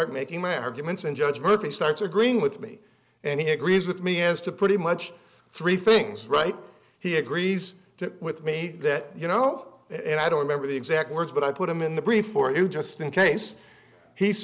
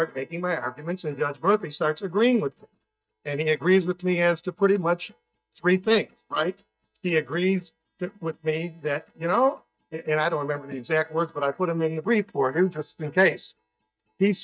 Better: first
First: none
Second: noise reduction (neural mask model DeepFilterNet 3)

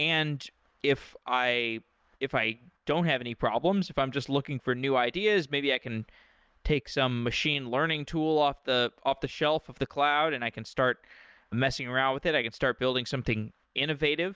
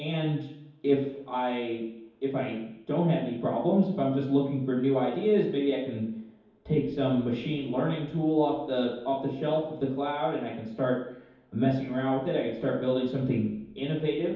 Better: first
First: none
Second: room echo; dies away in 0.9 s

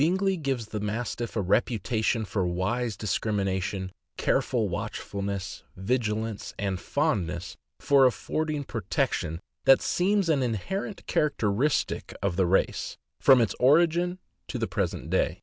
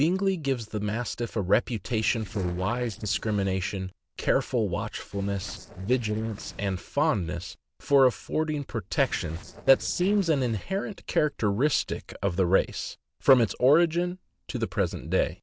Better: first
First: none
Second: noise reduction (neural separator model SepFormer DNS4)

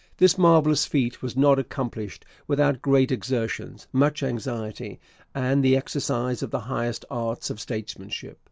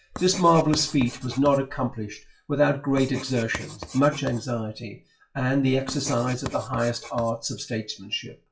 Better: first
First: none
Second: noise reduction (classical method WPE with log-MMSE)

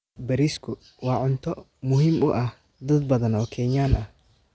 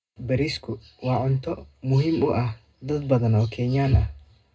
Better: first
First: none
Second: room echo; dies away in 0.2 s

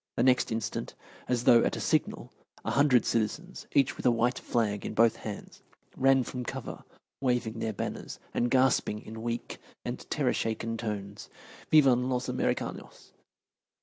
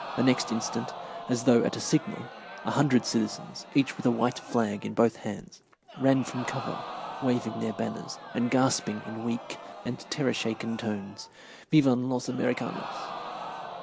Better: first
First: none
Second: background sound (Crowd); 12 dB below the speech

